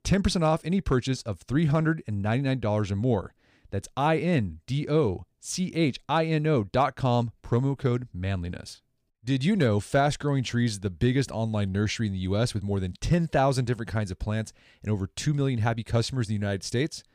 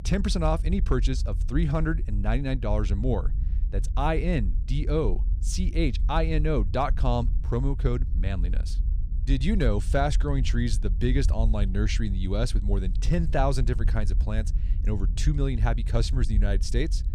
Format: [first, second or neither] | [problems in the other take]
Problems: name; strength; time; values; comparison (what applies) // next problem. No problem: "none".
first | low rumble; noticeable; throughout; 15 dB below the speech